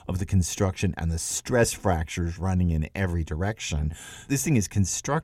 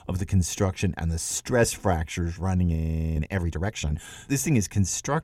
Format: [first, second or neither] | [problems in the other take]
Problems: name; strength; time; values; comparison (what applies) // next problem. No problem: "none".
first | audio freezing; at 3 s